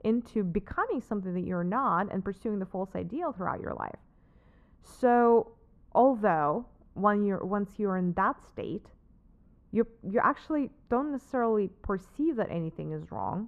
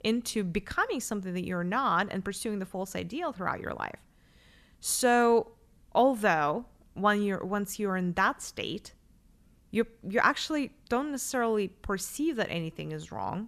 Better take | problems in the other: second | muffled; very; fading above 2 kHz

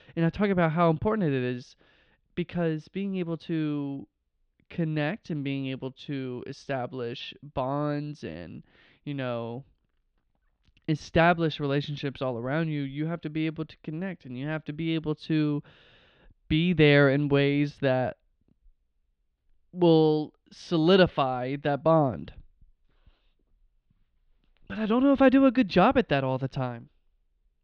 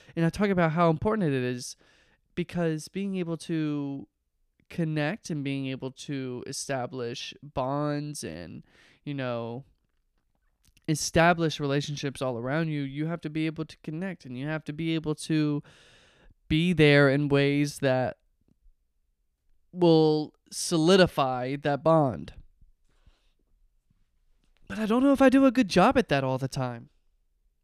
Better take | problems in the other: second | muffled; slightly; fading above 3.5 kHz

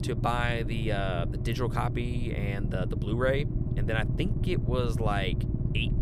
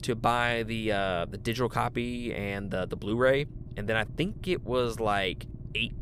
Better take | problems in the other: second | low rumble; loud; throughout; 9 dB below the speech; faint in the second

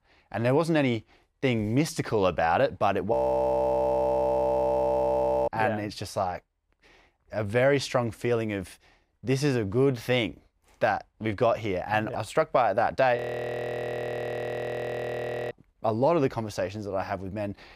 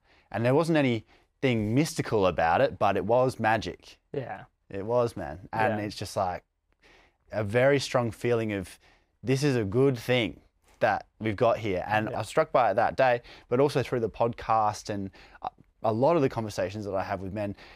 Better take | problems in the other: second | audio freezing; at 3 s for 2.5 s and at 13 s for 2.5 s

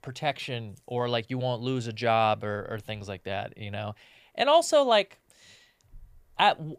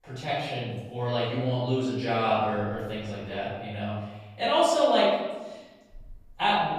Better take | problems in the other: first | off-mic speech; far // room echo; strong; dies away in 1.1 s

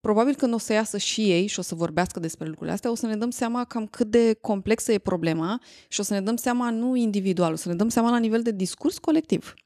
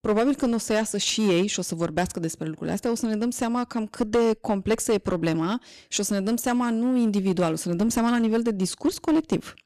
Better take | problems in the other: first | distortion; slight; 7% of the sound clipped

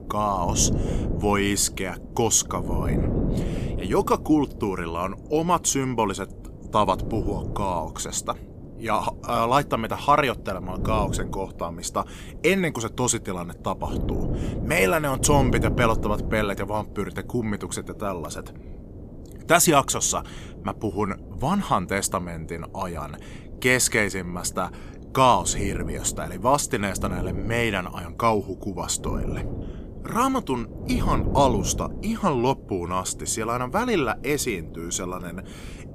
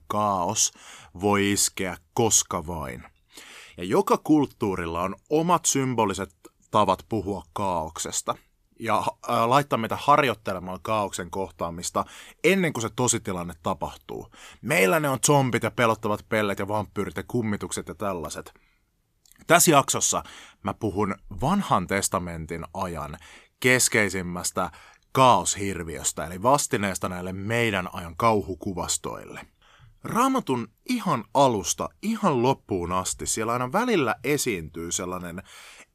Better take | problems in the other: second | wind noise on the microphone; occasional gusts; 15 dB below the speech

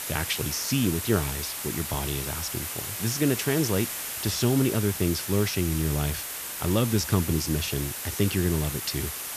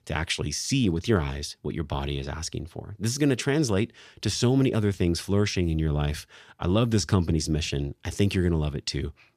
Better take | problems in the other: second | hiss; loud; throughout; 4 dB below the speech

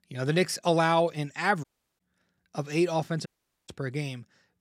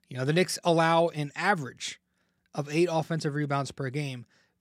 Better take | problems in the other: second | audio cutting out; at 1.5 s and at 3.5 s

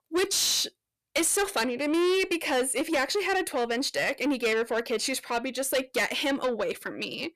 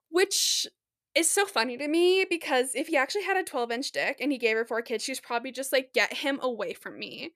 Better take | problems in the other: second | distortion; heavy; 8 dB below the speech

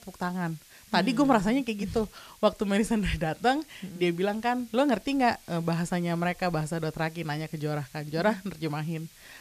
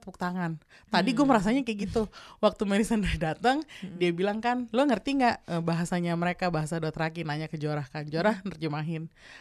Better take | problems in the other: second | hiss; faint; throughout; 25 dB below the speech

